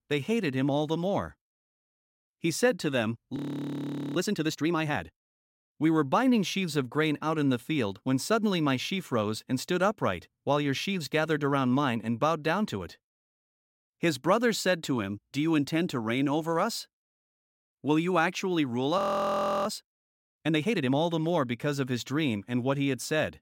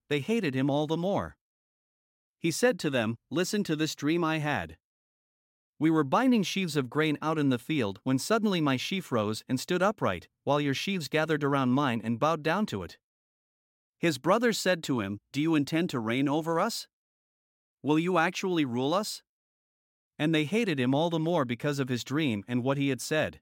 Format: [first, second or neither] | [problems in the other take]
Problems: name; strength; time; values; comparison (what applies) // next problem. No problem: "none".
second | audio freezing; at 3.5 s for 1 s and at 19 s for 0.5 s